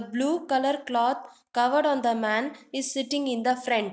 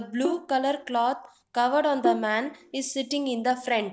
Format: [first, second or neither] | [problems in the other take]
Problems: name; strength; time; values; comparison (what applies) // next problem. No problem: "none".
first | noise reduction (neural mask model DeepFilterNet 3)